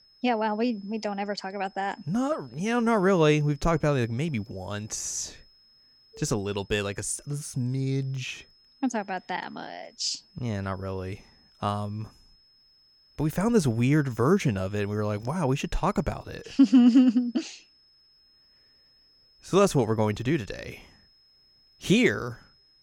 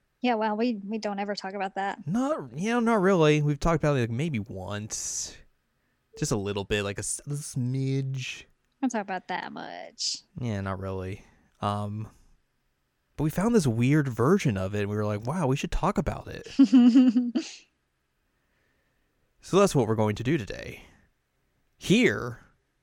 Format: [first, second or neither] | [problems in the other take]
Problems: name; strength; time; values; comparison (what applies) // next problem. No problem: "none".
second | high-pitched whine; faint; throughout; 5 kHz, 30 dB below the speech